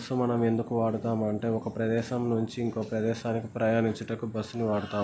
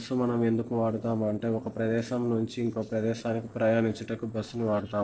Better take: first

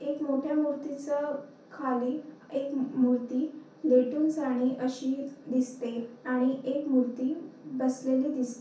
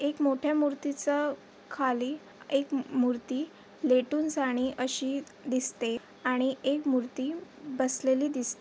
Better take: second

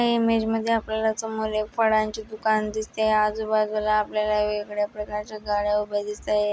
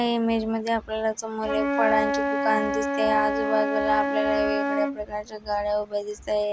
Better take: first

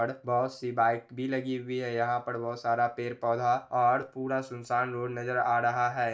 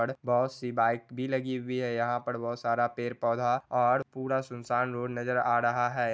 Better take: second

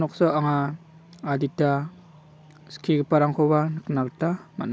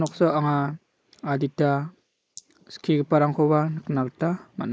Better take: first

